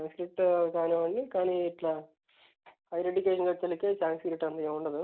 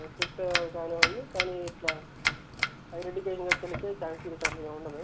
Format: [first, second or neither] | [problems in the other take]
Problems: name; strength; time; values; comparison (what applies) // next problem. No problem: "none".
first | background sound (Domestic sounds, home sounds); 3 dB above the speech